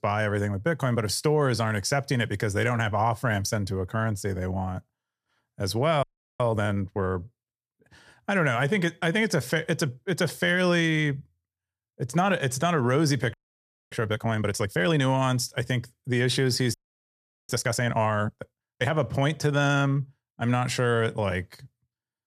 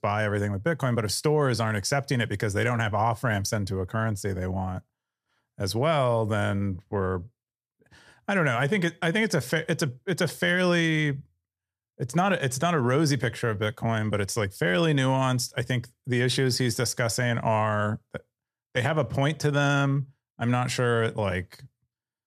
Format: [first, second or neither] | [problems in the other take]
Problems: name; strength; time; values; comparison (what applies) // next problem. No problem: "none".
second | audio freezing; at 6 s, at 13 s for 0.5 s and at 17 s for 1 s